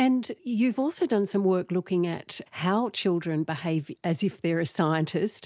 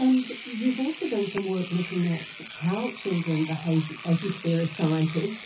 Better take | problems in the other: first | background sound (Engine / Domestic sounds, home sounds); 14 dB below the speech // room echo; dies away in 0.3 s

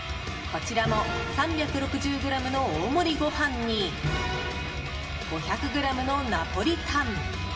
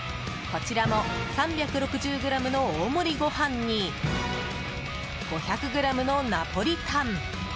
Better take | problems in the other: second | room echo; dies away in 1.9 s

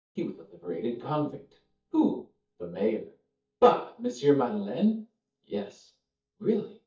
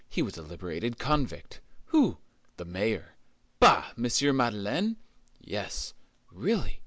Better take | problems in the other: second | noise reduction (neural mask model DeepFilterNet 3)

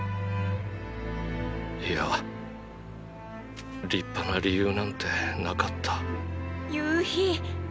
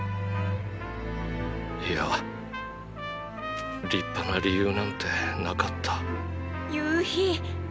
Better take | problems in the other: first | background sound (Trumpet); 12 dB below the speech

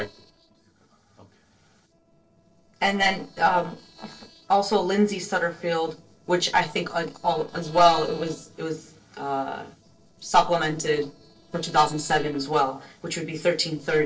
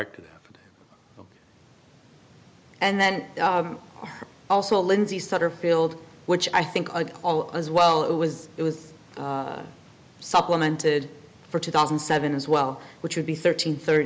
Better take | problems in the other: second | noise reduction (neural separator model SepFormer DNS4)

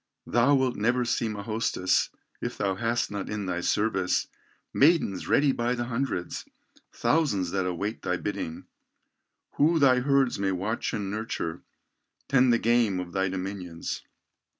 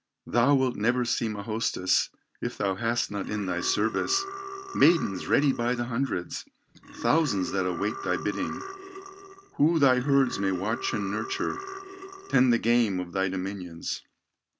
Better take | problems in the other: first | background sound (Burping, eructation); 11 dB below the speech

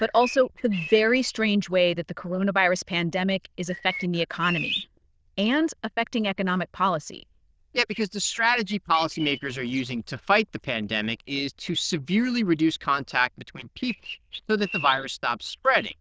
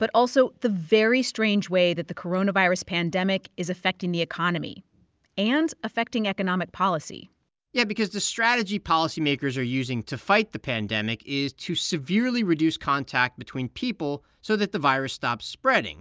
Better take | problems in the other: second | noise reduction (neural diffusion model UNIVERSE++)

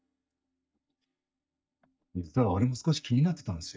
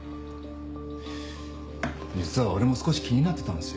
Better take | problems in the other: second | noise reduction (neural mask model DeepFilterNet 3)

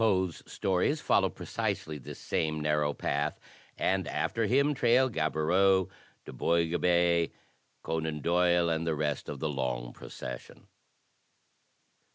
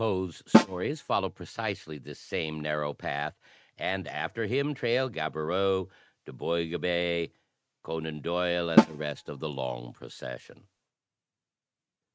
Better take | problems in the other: first | noise reduction (neural mask model RNNoise)

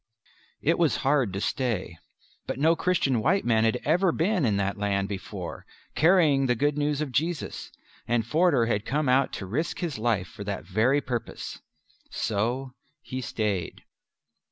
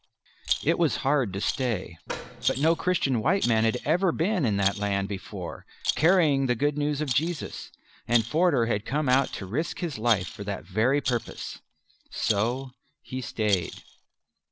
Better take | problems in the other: first | background sound (Door + Rattle); 11 dB below the speech

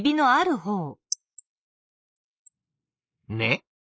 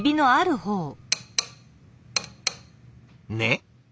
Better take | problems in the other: second | noise reduction (neural mask model Resemble Enhance denoiser)

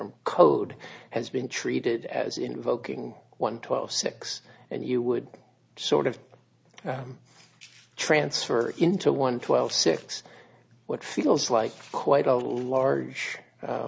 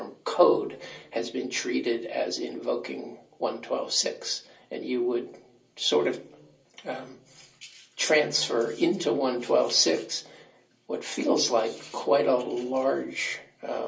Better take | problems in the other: first | room echo; dies away in 0.3 s

